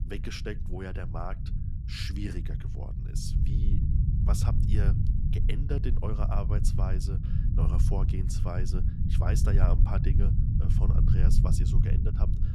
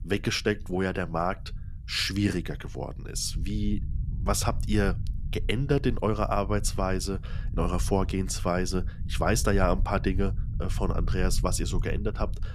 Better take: second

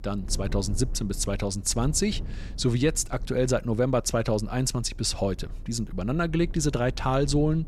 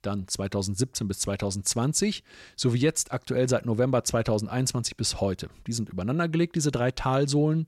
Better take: second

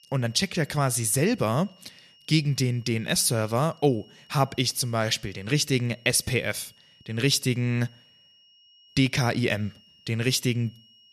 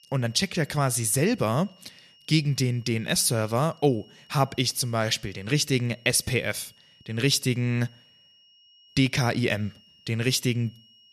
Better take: neither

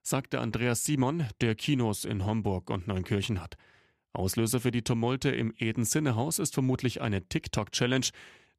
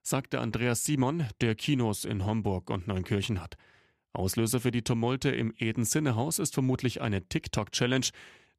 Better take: neither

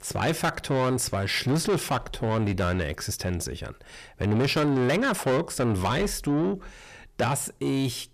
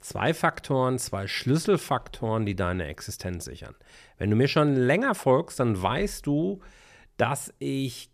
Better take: second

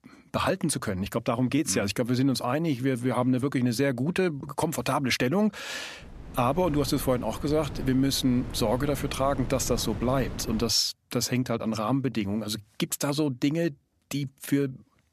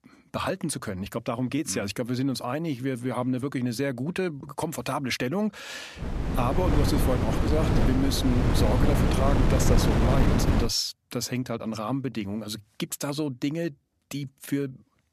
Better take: first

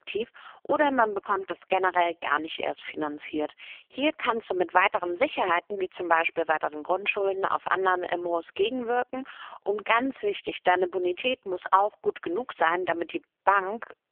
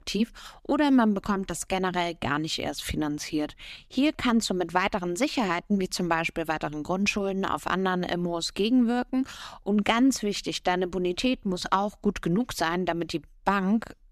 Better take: second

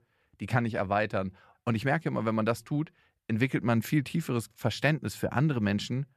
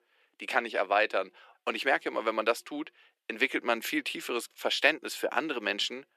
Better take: first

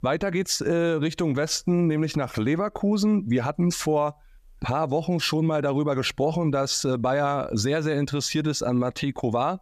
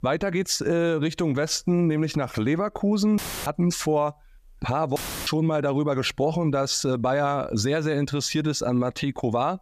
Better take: first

